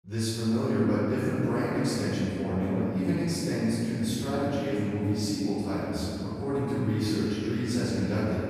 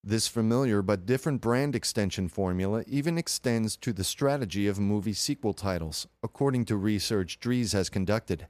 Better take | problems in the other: second | off-mic speech; far // room echo; strong; dies away in 3 s

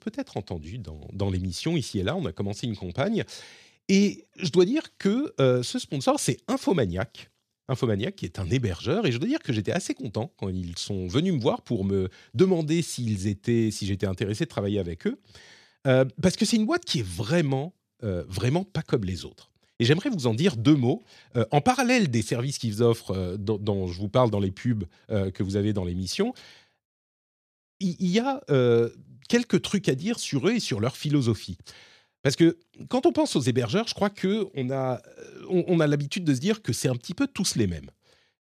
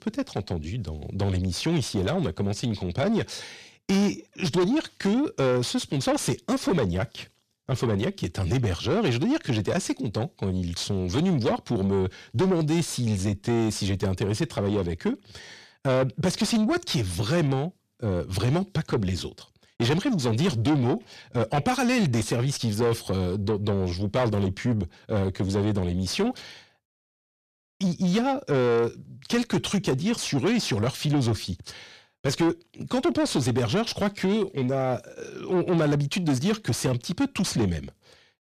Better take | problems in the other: first | distortion; heavy; 8 dB below the speech

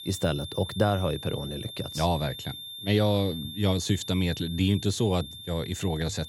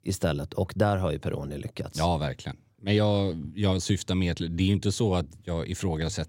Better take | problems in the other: second | high-pitched whine; noticeable; throughout; 3.5 kHz, 10 dB below the speech

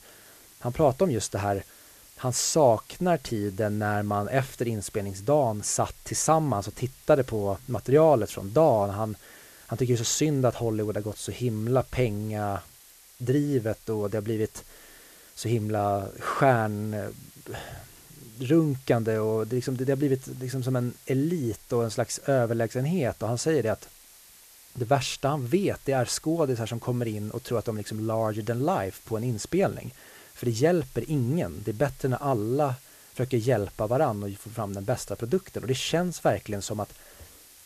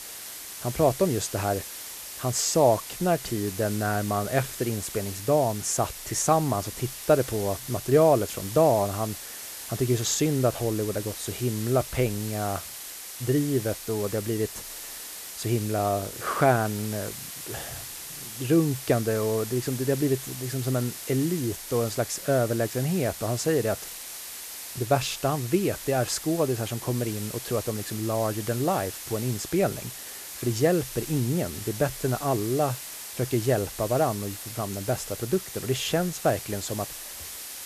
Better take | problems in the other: first | hiss; loud; throughout; 9 dB below the speech; faint in the first

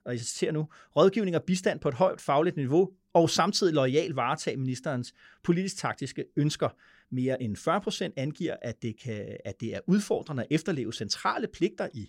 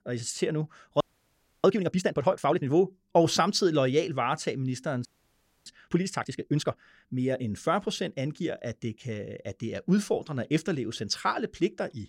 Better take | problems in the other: first | audio freezing; at 1 s for 0.5 s and at 5 s for 0.5 s

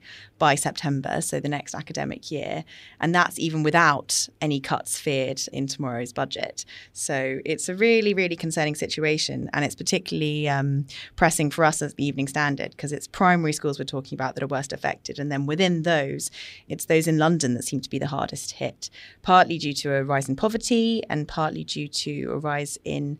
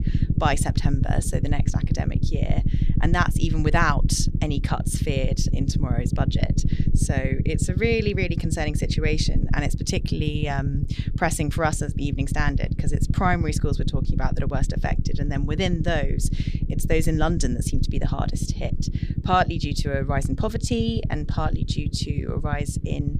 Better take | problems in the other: first | low rumble; loud; throughout; 9 dB below the speech

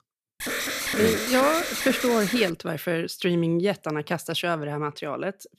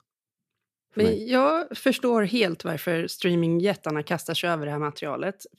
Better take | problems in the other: second | alarm; noticeable; until 2.5 s; peak 1 dB below the speech

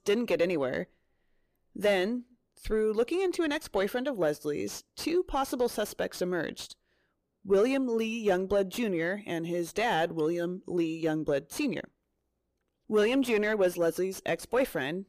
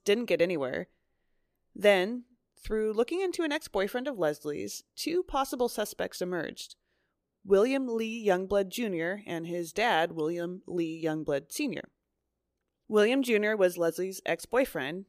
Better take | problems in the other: second | distortion; slight; 10 dB below the speech

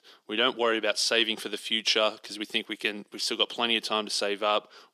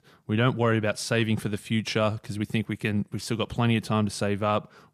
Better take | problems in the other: second | thin; somewhat; fading below 300 Hz

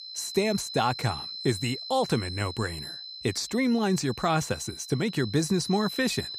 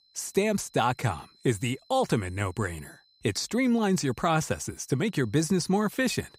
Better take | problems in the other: second | high-pitched whine; loud; throughout; 4 kHz, 9 dB below the speech; faint in the second

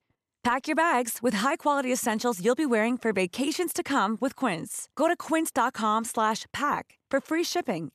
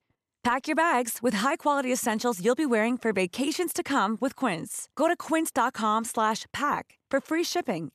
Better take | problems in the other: neither | none

